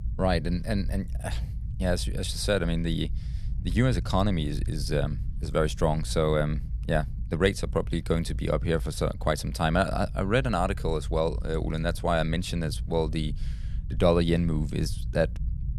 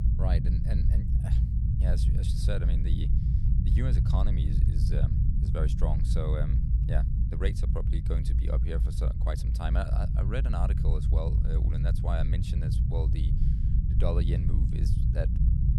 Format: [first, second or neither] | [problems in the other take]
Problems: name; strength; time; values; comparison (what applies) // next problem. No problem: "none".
first | low rumble; loud; throughout; 2 dB below the speech; faint in the first